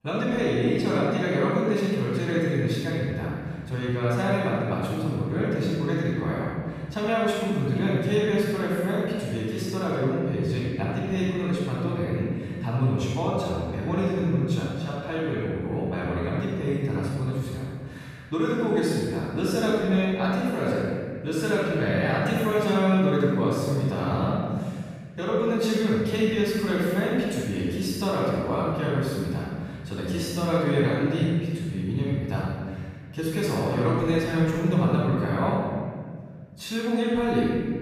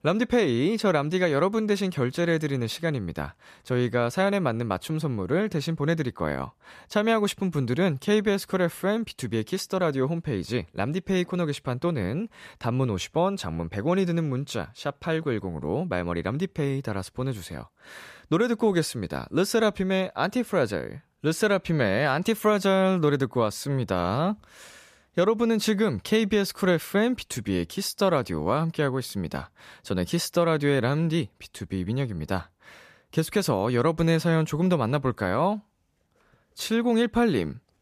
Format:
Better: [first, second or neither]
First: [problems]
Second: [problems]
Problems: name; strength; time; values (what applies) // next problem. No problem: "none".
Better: second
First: off-mic speech; far // room echo; strong; dies away in 1.9 s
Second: none